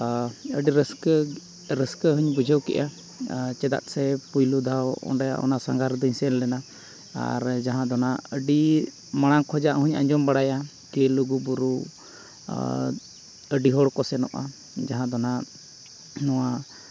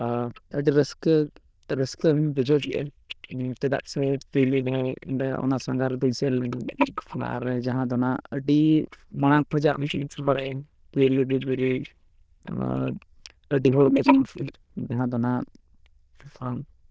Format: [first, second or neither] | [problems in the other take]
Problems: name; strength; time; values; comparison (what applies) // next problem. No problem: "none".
first | noise reduction (neural diffusion model UNIVERSE++)